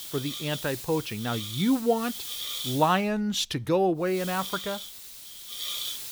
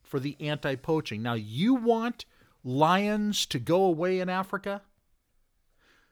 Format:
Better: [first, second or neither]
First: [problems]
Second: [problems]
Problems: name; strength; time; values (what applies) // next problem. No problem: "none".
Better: second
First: hiss; loud; until 3 s and from 4 s on; 7 dB below the speech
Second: none